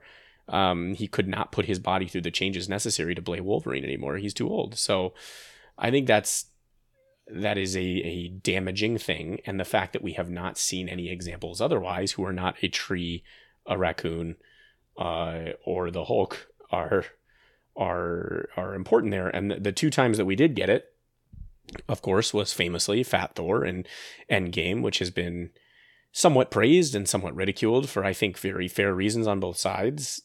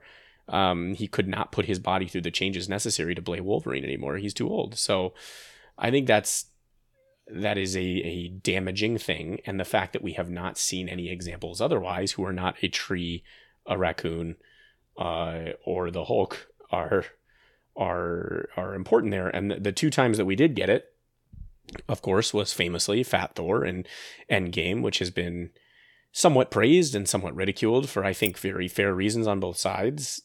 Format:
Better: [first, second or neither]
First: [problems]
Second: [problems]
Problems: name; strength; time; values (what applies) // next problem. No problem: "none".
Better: first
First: none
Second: jangling keys; noticeable; at 28 s; peak 8 dB below the speech